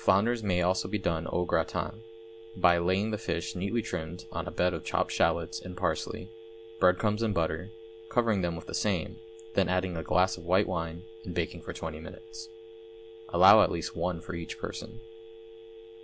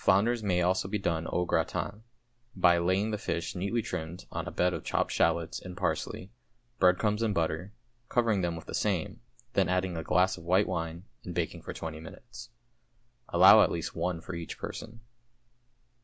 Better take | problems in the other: second | background sound (Telephone); 17 dB below the speech

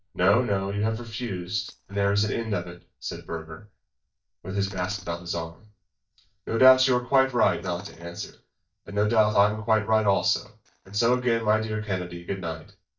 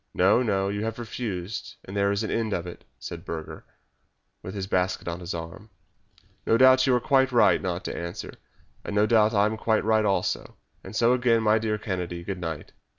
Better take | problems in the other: second | noise reduction (neural mask model DeepFilterNet 3)

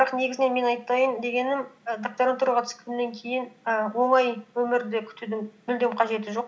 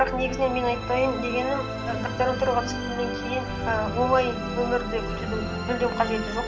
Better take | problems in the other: first | background sound (Musical instrument); 4 dB below the speech

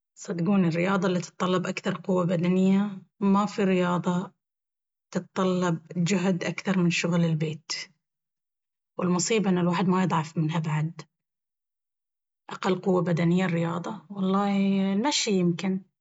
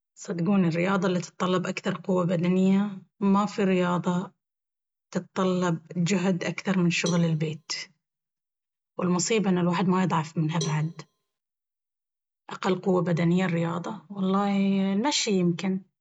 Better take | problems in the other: first | background sound (Cowbell); 18 dB below the speech

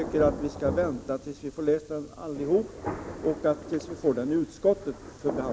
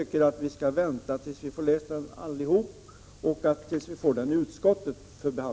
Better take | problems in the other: second | background sound (Thunder); 10 dB below the speech

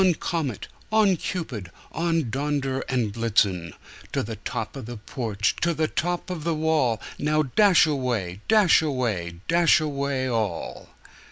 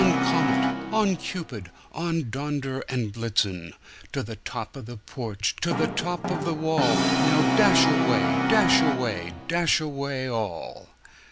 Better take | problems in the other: first | background sound (Brass instrument); 1 dB below the speech

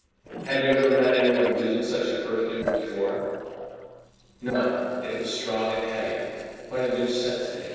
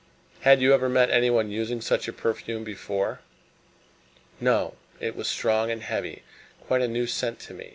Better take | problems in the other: second | noise reduction (neural separator model SepFormer DNS4)

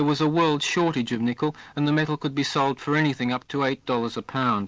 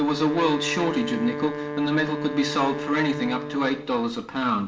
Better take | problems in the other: first | background sound (Wind instrument, woodwind instrument); 8 dB below the speech // room echo; dies away in 1.7 s

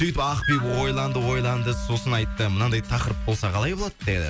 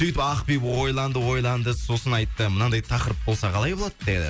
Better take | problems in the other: second | background sound (Wind instrument, woodwind instrument); 11 dB below the speech

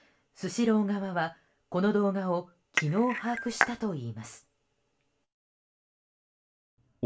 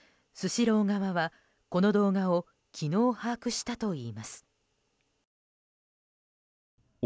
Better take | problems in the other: second | background sound (Cutlery, silverware / Dishes, pots, and pans / Chink, clink); as loud as the speech // room echo; dies away in 0.2 s

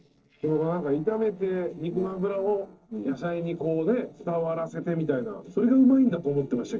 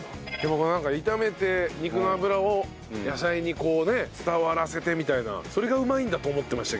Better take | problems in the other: second | noise reduction (neural separator model SepFormer DNS4)

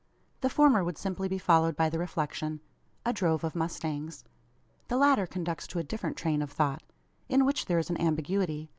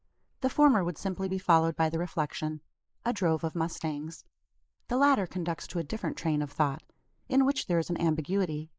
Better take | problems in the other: first | noise reduction (neural mask model Resemble Enhance denoiser)

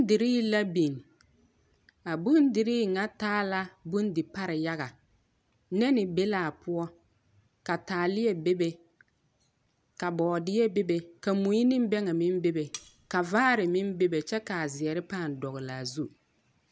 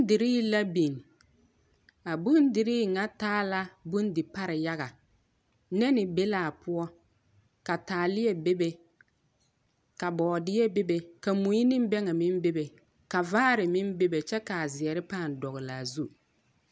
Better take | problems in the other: second | background sound (Cutlery, silverware); 17 dB below the speech

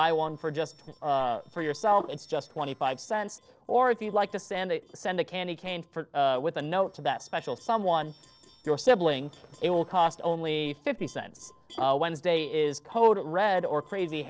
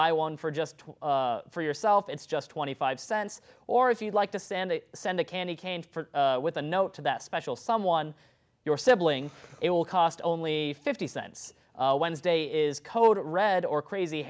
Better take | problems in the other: second | noise reduction (neural separator model SepFormer DNS4)

